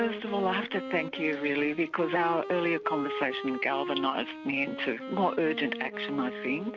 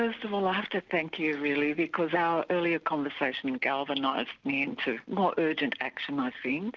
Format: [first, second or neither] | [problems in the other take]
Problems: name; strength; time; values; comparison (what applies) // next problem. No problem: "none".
second | background sound (Wind instrument, woodwind instrument); 8 dB below the speech